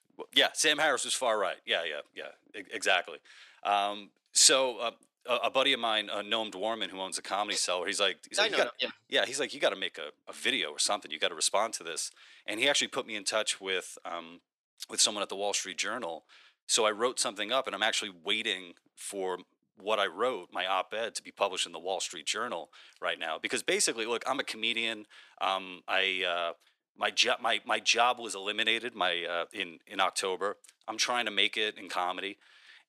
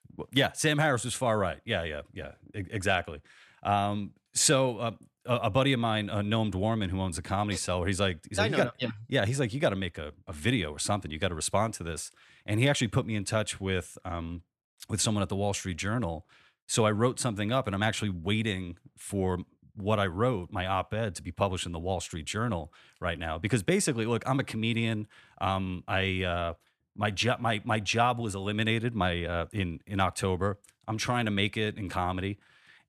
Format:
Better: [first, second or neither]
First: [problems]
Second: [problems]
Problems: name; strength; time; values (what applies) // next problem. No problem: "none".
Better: second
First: thin; very; fading below 350 Hz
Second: none